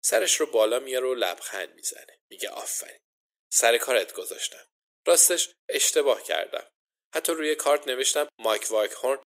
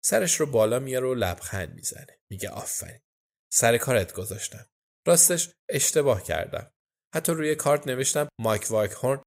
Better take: second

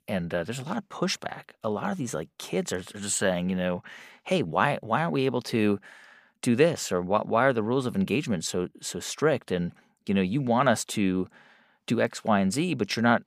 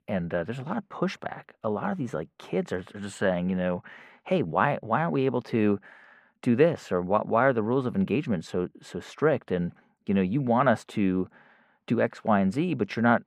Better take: first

